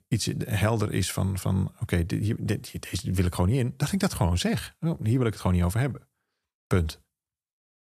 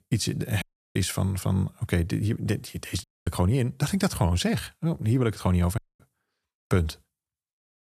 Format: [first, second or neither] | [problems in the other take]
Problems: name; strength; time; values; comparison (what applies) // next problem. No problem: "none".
first | audio cutting out; at 0.5 s, at 3 s and at 6 s